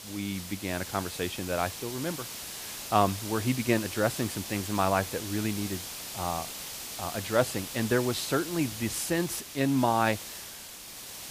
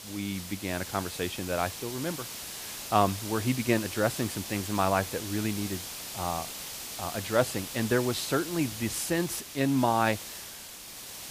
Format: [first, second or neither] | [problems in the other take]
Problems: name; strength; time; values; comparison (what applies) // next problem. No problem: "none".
neither | hiss; loud; throughout; 8 dB below the speech; the same in both